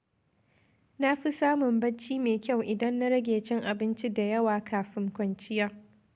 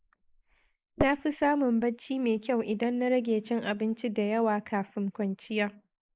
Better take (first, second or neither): first